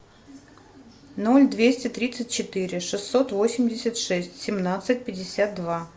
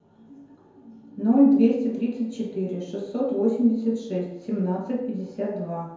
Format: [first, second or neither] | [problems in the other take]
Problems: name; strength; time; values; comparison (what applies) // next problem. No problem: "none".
first | room echo; dies away in 0.9 s